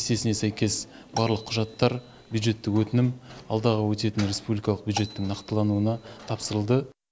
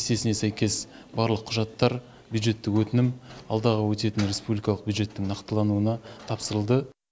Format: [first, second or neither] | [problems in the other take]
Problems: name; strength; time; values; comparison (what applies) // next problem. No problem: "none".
second | background sound (Marimba, xylophone); 16 dB below the speech